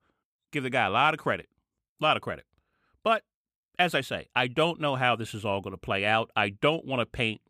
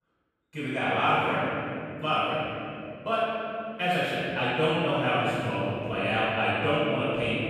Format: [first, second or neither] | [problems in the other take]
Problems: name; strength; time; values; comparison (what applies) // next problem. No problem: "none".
first | off-mic speech; far // room echo; strong; dies away in 3 s